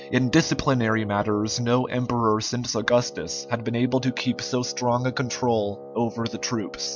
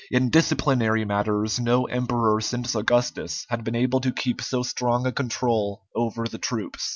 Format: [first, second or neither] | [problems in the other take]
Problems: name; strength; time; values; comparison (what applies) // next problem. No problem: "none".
second | background sound (Wind instrument, woodwind instrument); 16 dB below the speech